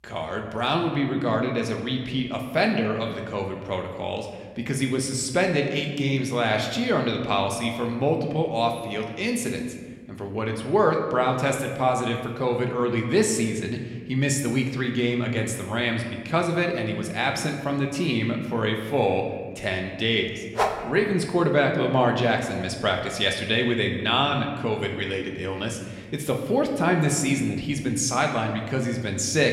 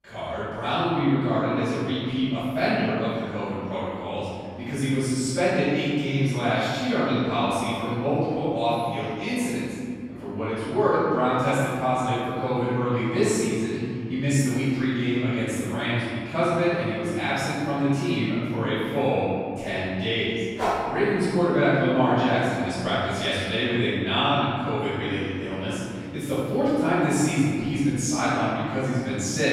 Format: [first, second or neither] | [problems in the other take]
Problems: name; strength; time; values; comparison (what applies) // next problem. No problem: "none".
first | room echo; strong; dies away in 2.5 s; slight in the first // off-mic speech; far